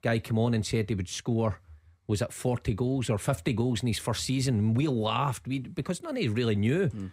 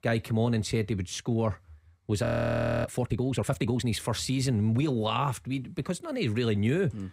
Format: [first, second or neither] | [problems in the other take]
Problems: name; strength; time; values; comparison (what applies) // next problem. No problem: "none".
first | audio freezing; at 2.5 s for 0.5 s